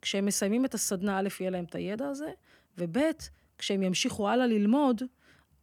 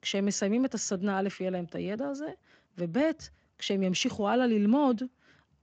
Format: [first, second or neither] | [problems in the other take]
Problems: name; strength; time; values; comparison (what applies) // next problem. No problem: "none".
first | garbled, watery; slightly